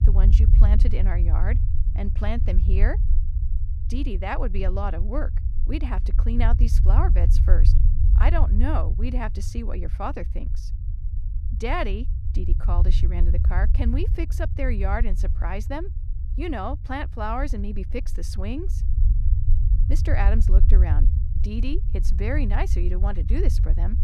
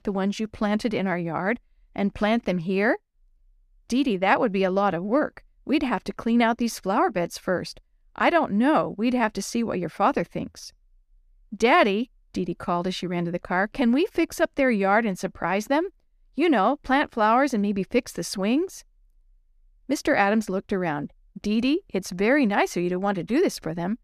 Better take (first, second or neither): second